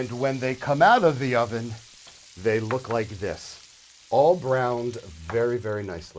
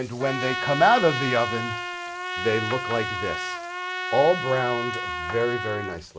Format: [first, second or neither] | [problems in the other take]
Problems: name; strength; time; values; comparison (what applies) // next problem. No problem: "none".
first | background sound (Trumpet); 5 dB below the speech